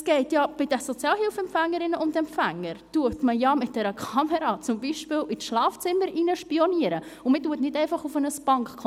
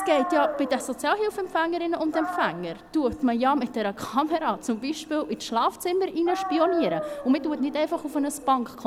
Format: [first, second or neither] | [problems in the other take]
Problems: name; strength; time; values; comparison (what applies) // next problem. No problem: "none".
first | background sound (Dog); 10 dB below the speech